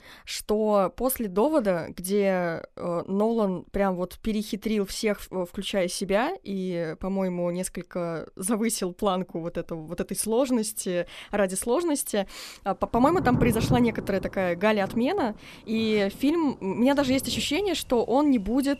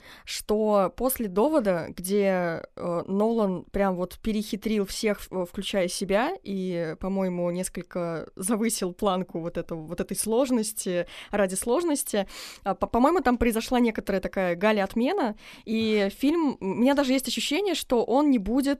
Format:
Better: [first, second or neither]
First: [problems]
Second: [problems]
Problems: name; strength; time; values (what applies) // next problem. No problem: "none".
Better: second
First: rain or running water; loud; from 10 s on; 8 dB below the speech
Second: none